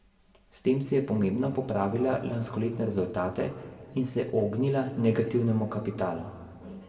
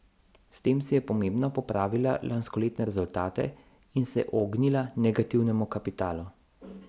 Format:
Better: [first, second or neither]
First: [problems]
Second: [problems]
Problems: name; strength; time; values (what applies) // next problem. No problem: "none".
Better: second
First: room echo; dies away in 1.7 s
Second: none